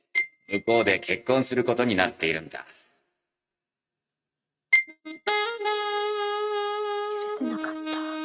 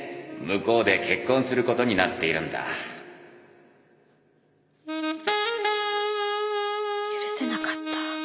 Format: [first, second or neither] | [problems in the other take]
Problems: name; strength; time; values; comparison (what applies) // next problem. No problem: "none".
second | noise reduction (neural mask model RNNoise)